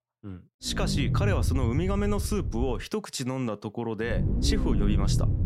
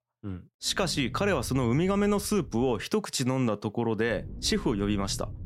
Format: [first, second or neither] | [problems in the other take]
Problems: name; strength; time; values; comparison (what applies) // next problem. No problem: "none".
second | low rumble; loud; from 0.5 to 3 s and from 4 s on; 7 dB below the speech; faint in the second